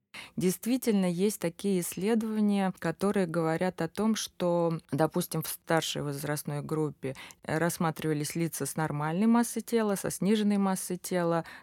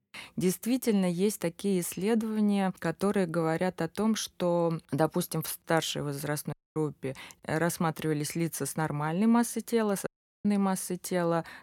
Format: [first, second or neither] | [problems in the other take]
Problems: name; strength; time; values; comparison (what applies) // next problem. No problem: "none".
first | audio cutting out; at 6.5 s and at 10 s